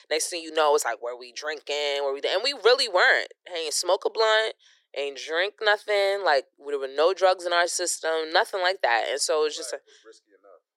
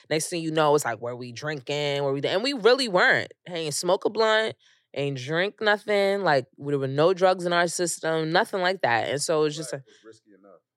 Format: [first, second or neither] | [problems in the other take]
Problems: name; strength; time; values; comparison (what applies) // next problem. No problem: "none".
second | thin; very; fading below 400 Hz